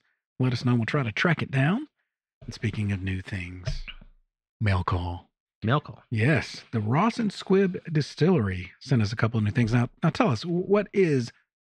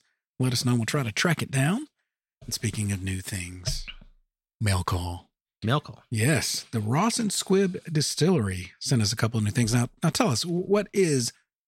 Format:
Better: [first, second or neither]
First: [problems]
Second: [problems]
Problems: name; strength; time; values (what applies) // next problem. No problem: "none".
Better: second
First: muffled; slightly; fading above 2.5 kHz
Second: none